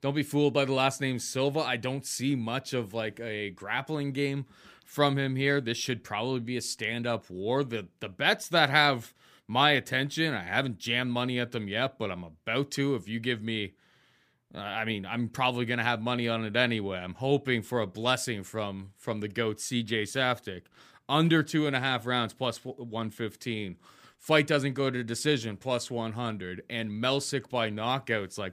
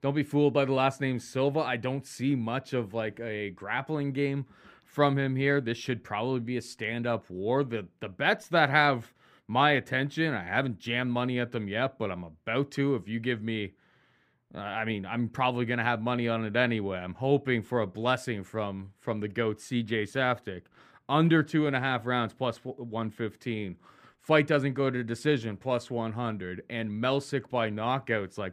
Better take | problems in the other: first | muffled; slightly; fading above 3 kHz

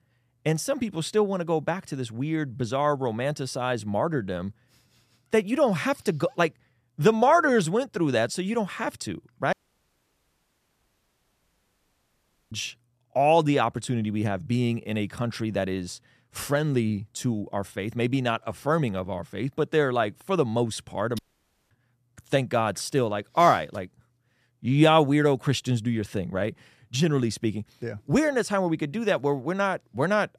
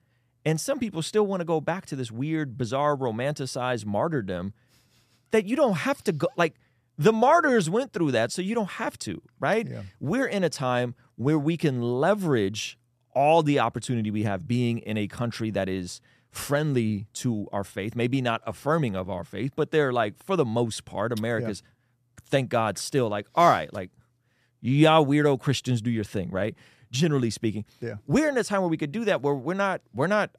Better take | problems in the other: second | audio cutting out; at 9.5 s for 3 s and at 21 s for 0.5 s

